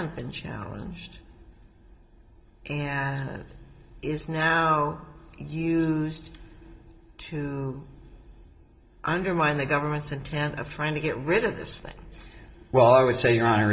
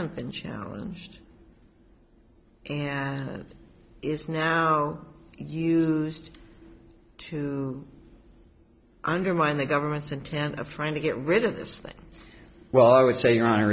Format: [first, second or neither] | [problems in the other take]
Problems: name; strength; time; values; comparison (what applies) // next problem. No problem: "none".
second | room echo; dies away in 0.3 s